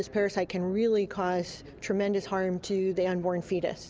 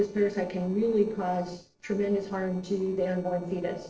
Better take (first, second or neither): first